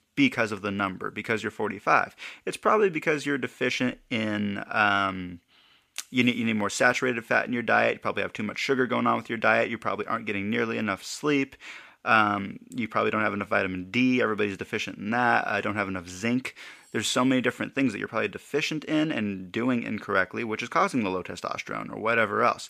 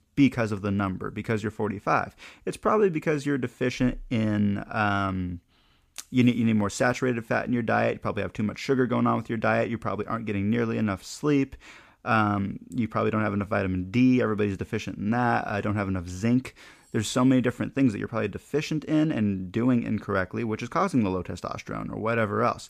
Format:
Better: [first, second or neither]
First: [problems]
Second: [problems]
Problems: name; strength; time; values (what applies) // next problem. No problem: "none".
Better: second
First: thin; very slightly; fading below 400 Hz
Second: none